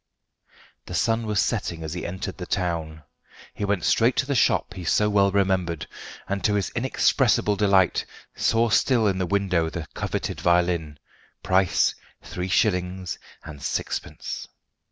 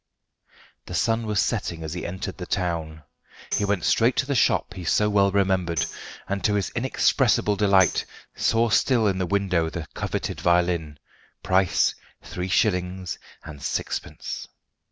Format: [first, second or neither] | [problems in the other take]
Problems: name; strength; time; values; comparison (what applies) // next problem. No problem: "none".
first | background sound (Tambourine); 12 dB below the speech